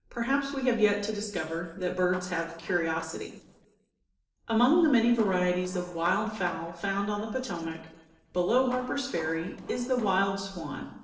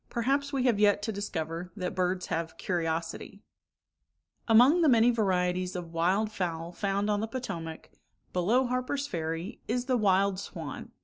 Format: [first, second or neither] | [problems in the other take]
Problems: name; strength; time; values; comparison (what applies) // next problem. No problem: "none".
second | noise reduction (neural separator model SepFormer DNS4)